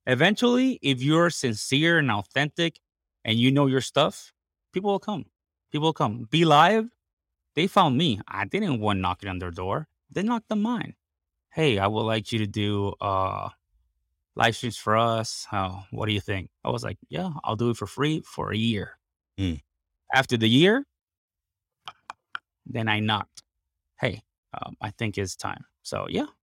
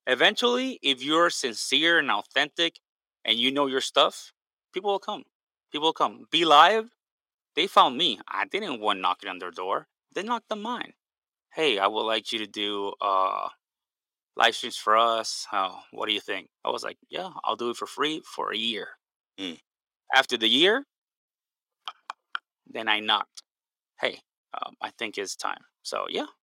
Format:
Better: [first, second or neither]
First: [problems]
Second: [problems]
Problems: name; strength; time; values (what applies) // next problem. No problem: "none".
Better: first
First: none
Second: thin; somewhat; fading below 350 Hz